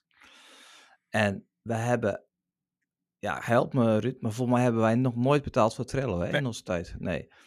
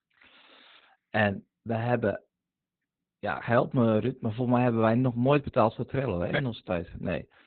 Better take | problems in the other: first | garbled, watery; badly; nothing above 4 kHz

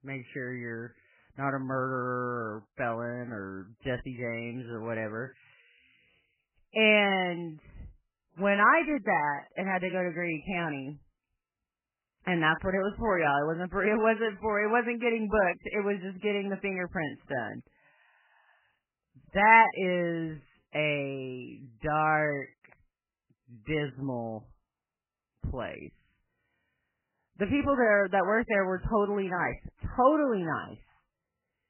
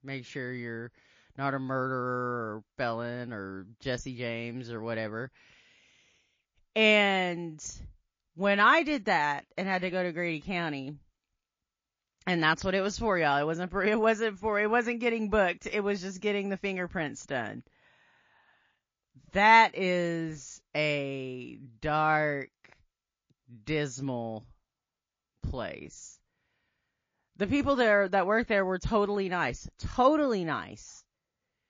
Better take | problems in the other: second | garbled, watery; badly; nothing above 3 kHz; slightly in the second

